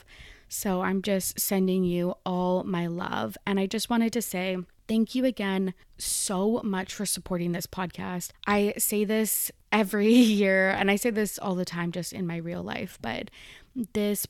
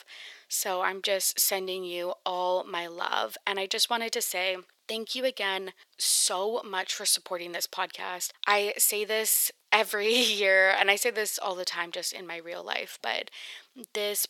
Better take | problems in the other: first | thin; very; fading below 500 Hz

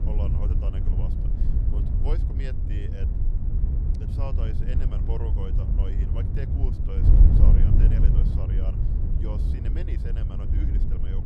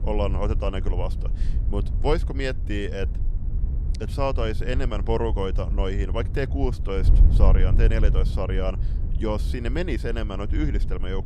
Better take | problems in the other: second | wind noise on the microphone; heavy; 2 dB above the speech; occasional gusts in the second

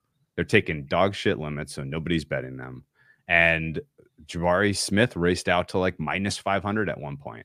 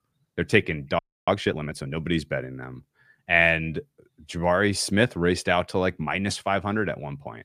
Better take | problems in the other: first | audio freezing; at 1 s

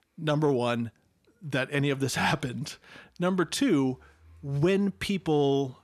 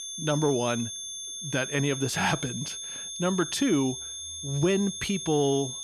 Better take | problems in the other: first | high-pitched whine; loud; throughout; 6.5 kHz, 7 dB below the speech

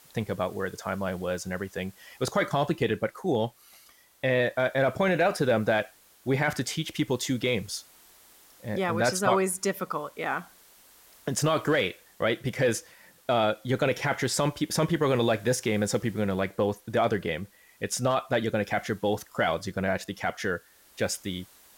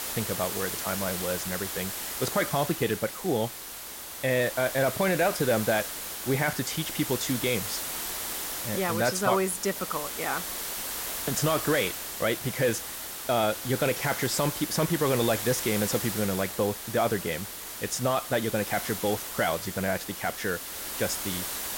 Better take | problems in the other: first | hiss; loud; throughout; 4 dB below the speech; faint in the first

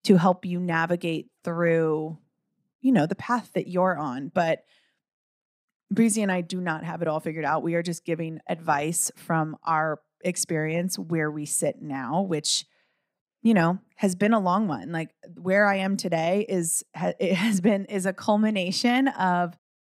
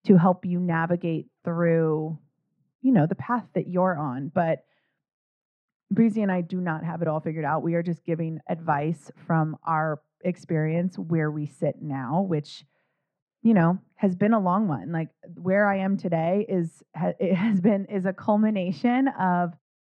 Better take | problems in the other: first | muffled; very; fading above 1.5 kHz

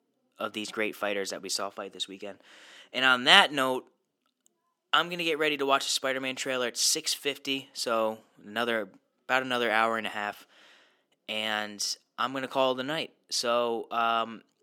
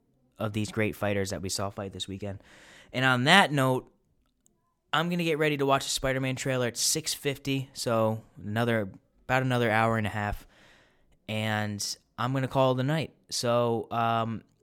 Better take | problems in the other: second | thin; somewhat; fading below 250 Hz

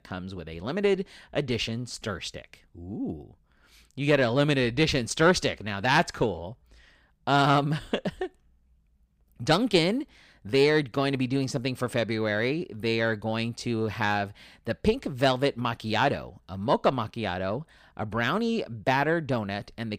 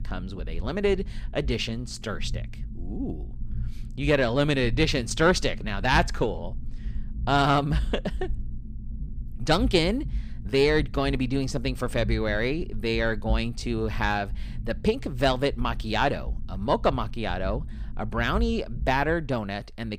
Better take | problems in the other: first | low rumble; faint; throughout; 25 dB below the speech

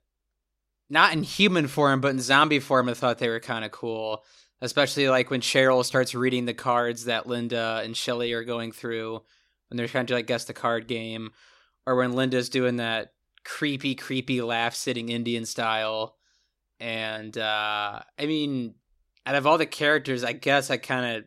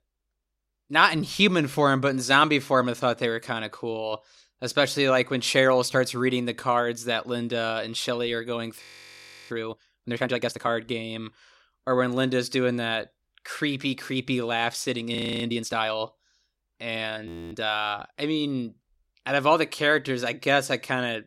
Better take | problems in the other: first | audio freezing; at 9 s for 0.5 s, at 15 s and at 17 s

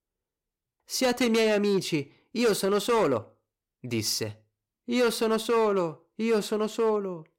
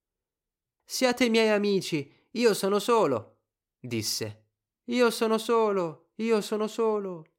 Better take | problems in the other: second | distortion; slight; 6% of the sound clipped

